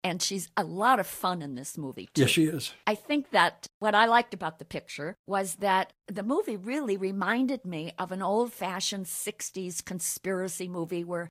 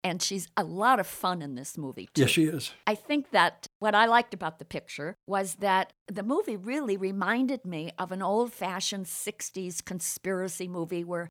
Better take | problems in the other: second | garbled, watery; slightly; nothing above 14.5 kHz

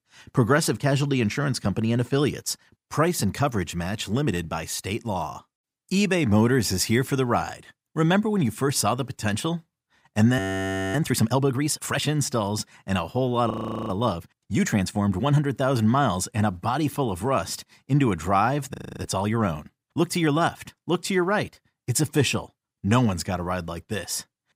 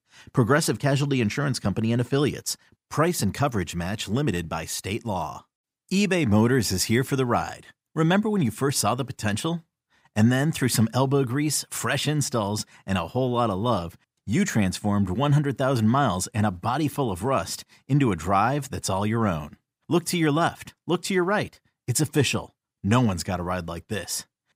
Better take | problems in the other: second | audio freezing; at 10 s for 0.5 s, at 14 s and at 19 s

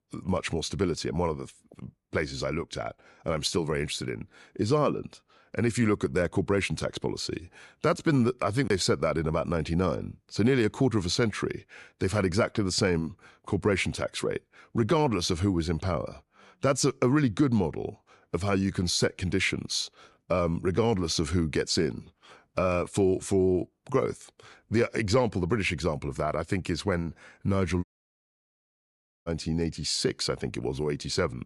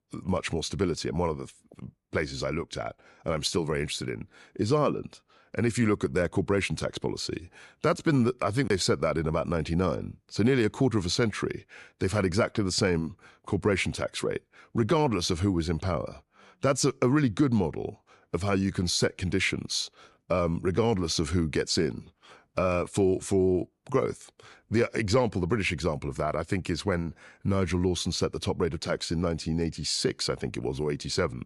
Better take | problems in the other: second | audio cutting out; at 28 s for 1.5 s

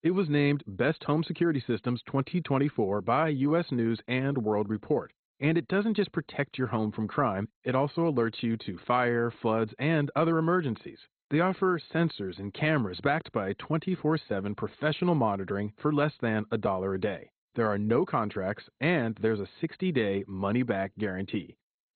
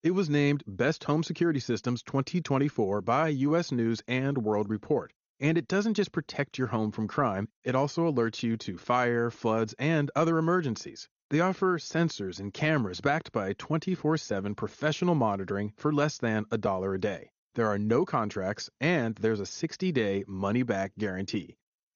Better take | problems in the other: second | garbled, watery; badly; nothing above 4 kHz; slightly in the second

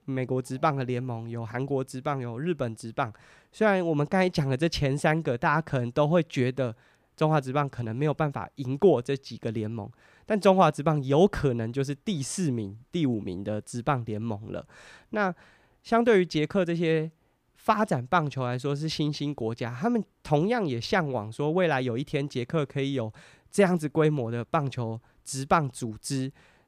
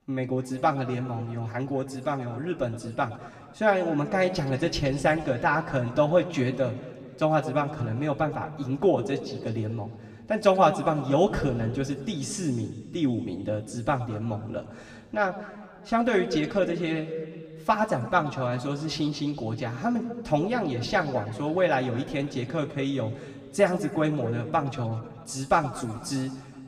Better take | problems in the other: first | room echo; slight; dies away in 1.6 s // off-mic speech; somewhat distant

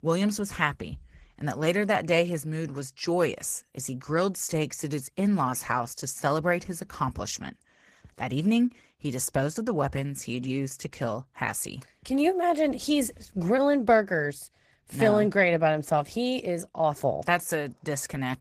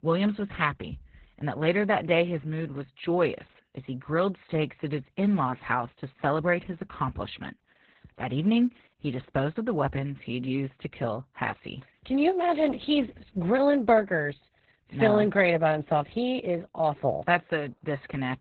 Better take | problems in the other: first | garbled, watery; badly; nothing above 4 kHz; slightly in the first

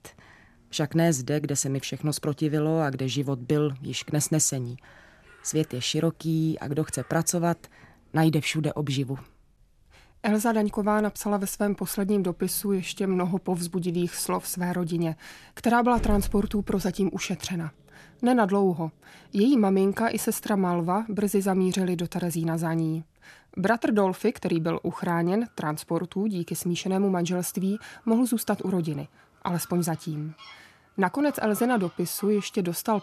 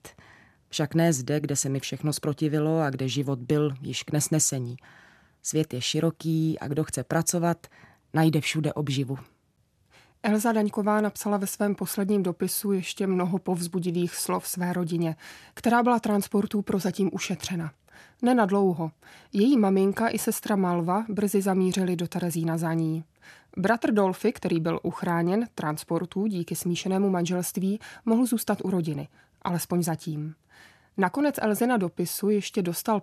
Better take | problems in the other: second | animal sounds; faint; throughout; 20 dB below the speech

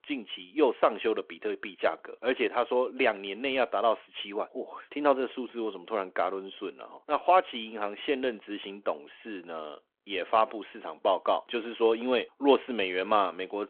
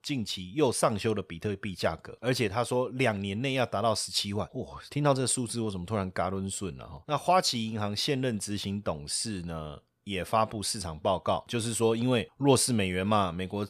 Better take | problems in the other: second | phone-call audio

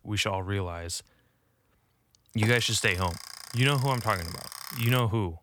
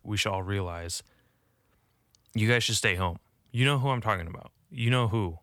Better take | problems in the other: second | alarm; noticeable; from 2.5 s on; peak 10 dB below the speech

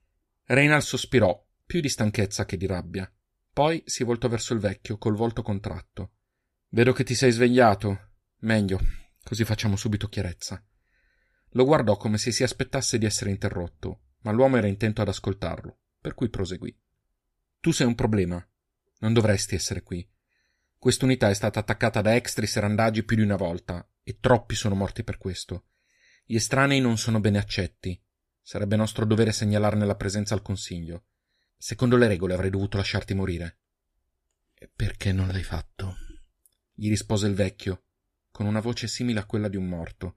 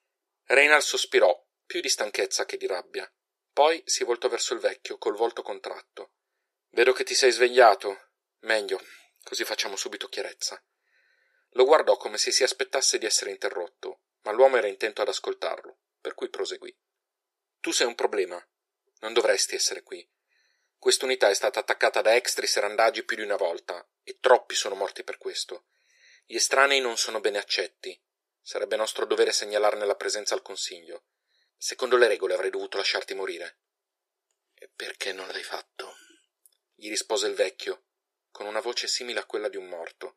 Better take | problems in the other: first | thin; very; fading below 400 Hz

